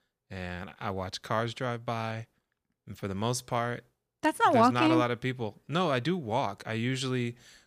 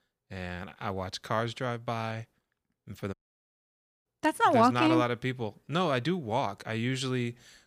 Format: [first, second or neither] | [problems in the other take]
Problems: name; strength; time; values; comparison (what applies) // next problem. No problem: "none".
first | audio cutting out; at 3 s for 1 s